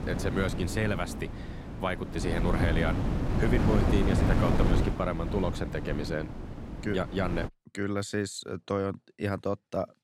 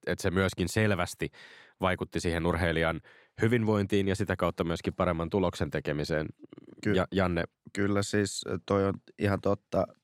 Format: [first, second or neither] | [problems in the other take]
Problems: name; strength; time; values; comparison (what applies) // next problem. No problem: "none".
second | wind noise on the microphone; heavy; until 7.5 s; 3 dB below the speech